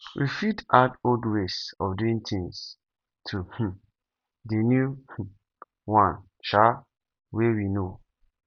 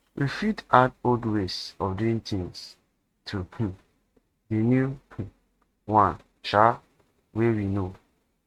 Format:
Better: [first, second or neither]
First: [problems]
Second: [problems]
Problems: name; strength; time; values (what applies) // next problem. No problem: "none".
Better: first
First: none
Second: noise reduction (neural mask model RNNoise)